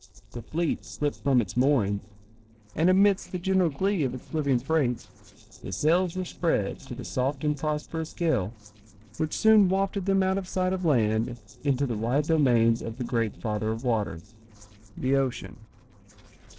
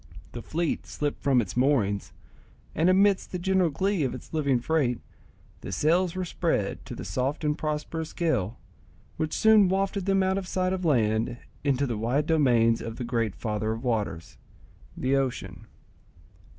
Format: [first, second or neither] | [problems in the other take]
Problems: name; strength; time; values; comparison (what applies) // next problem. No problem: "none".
second | noise reduction (neural separator model SepFormer DNS4)